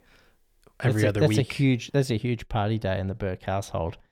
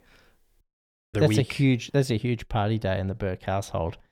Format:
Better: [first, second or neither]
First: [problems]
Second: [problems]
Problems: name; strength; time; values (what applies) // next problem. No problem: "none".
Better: first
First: none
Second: audio cutting out; at 0.5 s for 0.5 s